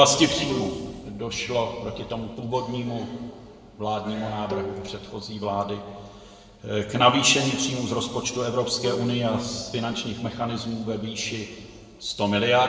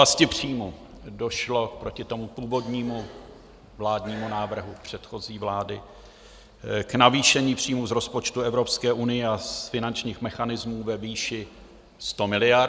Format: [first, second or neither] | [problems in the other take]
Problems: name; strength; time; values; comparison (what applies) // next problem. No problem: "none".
second | background sound (Bowed string instrument); 15 dB below the speech // room echo; dies away in 1.5 s